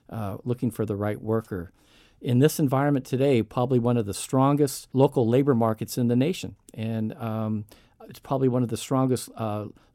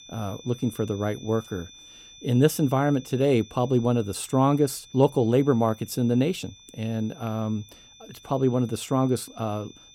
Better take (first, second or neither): first